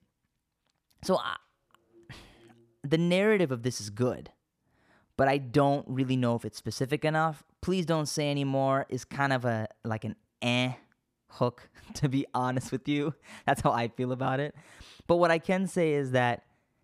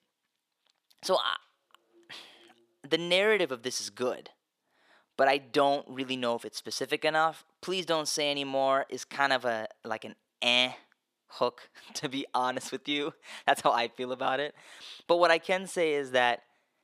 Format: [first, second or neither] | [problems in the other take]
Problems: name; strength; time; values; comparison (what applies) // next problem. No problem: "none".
first | thin; somewhat; fading below 400 Hz